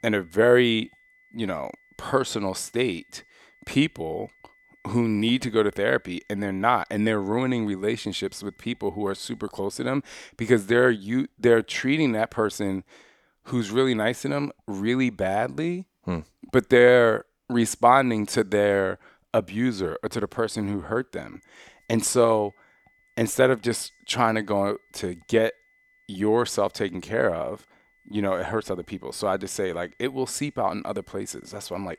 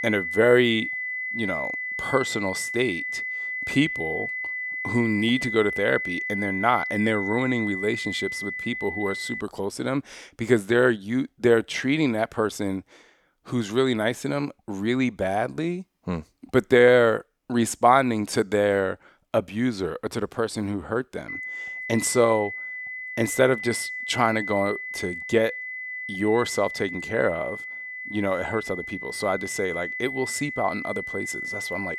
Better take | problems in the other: first | high-pitched whine; loud; until 9.5 s and from 21 s on; 2 kHz, 5 dB below the speech; faint in the first

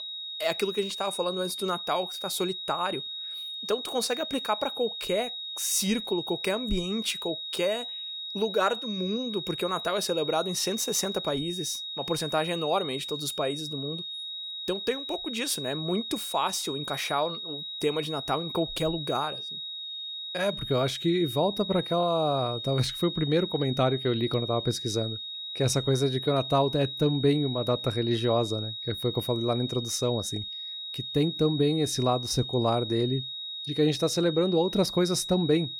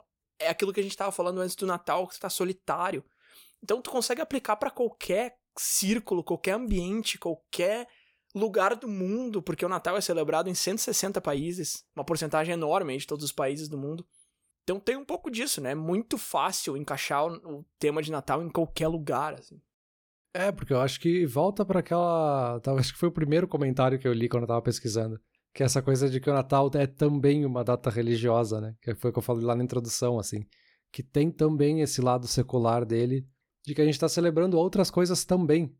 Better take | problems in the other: second | high-pitched whine; loud; throughout; 4 kHz, 6 dB below the speech

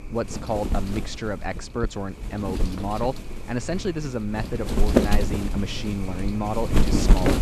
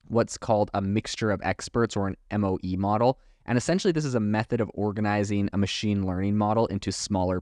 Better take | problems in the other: second | wind noise on the microphone; heavy; 2 dB below the speech

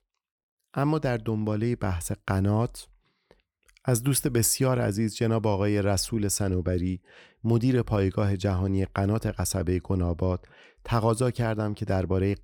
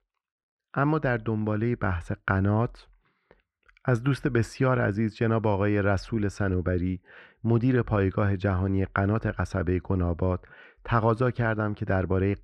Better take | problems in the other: first | muffled; very; fading above 2 kHz

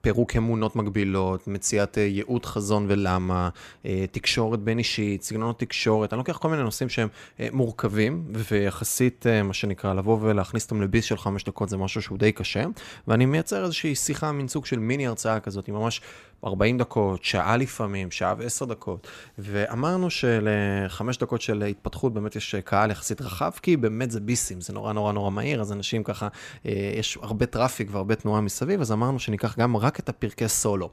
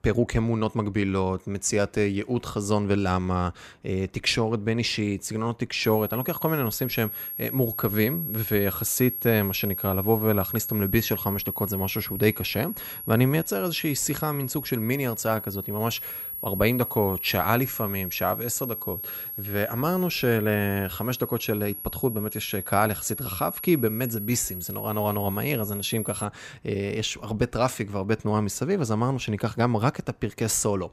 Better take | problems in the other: first | high-pitched whine; loud; from 6 to 26 s; 11.5 kHz, 6 dB below the speech

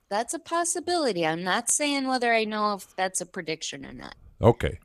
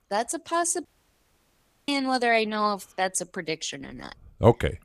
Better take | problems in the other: first | audio cutting out; at 1 s for 1 s

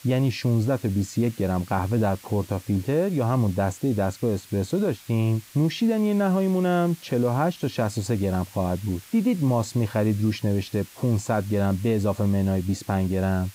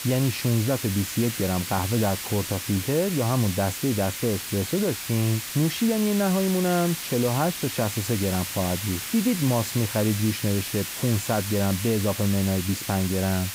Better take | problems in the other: first | hiss; loud; throughout; 5 dB below the speech; faint in the first

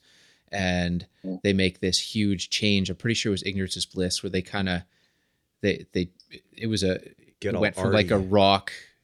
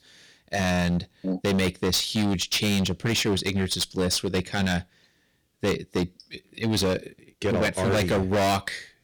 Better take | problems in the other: first | distortion; heavy; 17% of the sound clipped

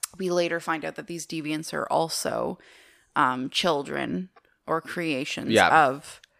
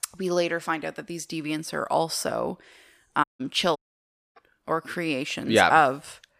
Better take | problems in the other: first | audio cutting out; at 3 s and at 4 s for 0.5 s

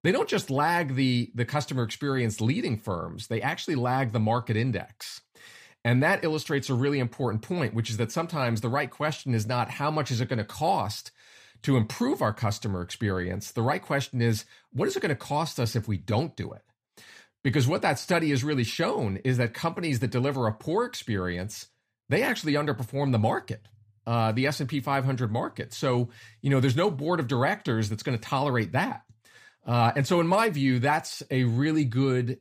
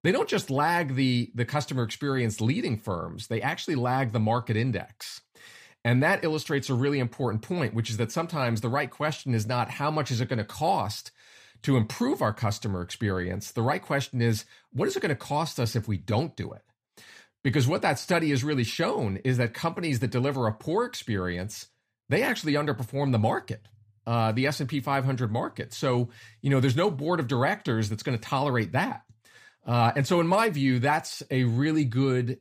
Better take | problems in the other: neither | none

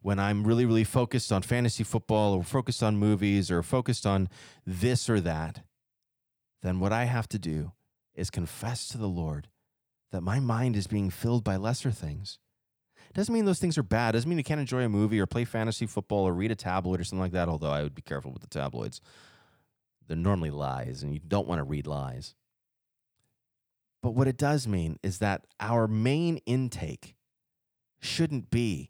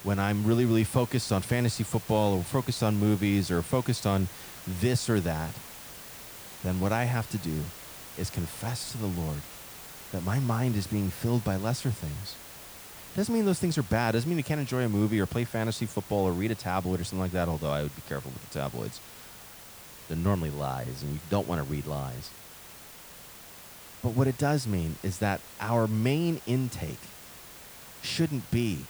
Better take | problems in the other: first | hiss; noticeable; throughout; 15 dB below the speech

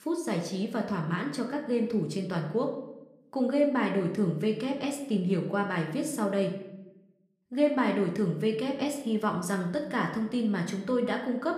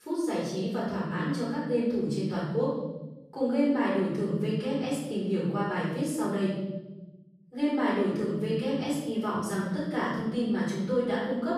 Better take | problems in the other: first | room echo; strong; dies away in 1.4 s; slight in the first // off-mic speech; far; somewhat distant in the first

